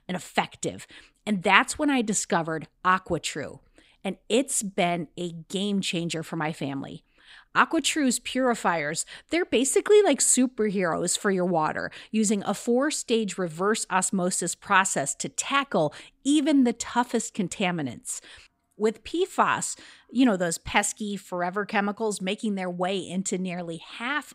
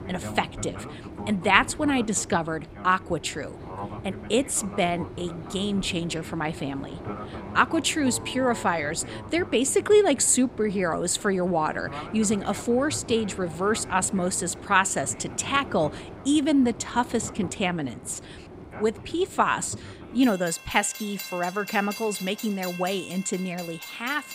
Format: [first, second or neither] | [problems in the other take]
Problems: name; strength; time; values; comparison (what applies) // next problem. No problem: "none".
first | train or aircraft noise; noticeable; throughout; 15 dB below the speech